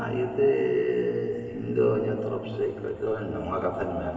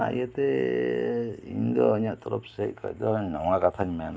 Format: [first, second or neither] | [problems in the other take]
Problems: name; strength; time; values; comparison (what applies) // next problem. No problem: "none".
second | room echo; dies away in 2.8 s